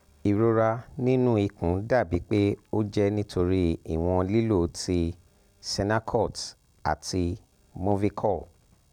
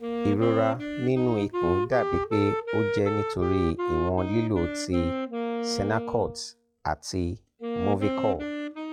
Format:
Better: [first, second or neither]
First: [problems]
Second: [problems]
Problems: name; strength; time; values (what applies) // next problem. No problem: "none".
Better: first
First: none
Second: noise reduction (classical method log-MMSE)